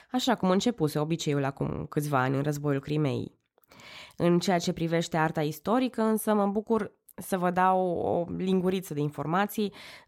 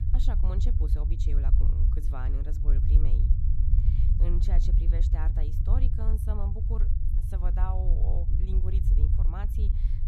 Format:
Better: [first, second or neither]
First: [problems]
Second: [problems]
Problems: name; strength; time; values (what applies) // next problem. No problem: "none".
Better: first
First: none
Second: low rumble; loud; throughout; 1 dB below the speech